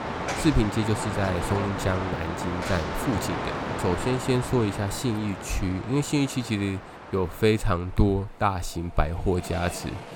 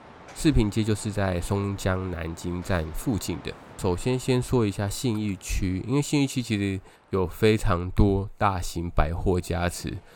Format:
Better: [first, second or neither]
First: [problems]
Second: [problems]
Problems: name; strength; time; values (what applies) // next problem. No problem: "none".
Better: second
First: train or aircraft noise; loud; throughout; 6 dB below the speech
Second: train or aircraft noise; faint; throughout; 20 dB below the speech